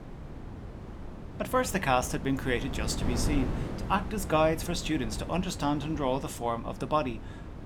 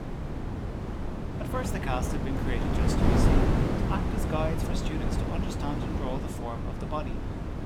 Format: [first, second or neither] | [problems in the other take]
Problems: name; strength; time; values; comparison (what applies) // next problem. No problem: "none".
first | wind noise on the microphone; heavy; 1 dB above the speech; occasional gusts in the first